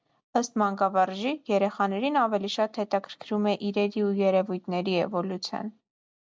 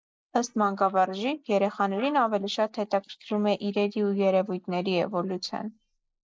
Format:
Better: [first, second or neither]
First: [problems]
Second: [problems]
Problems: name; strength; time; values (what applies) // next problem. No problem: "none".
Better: first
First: none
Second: noise reduction (neural mask model Resemble Enhance denoiser)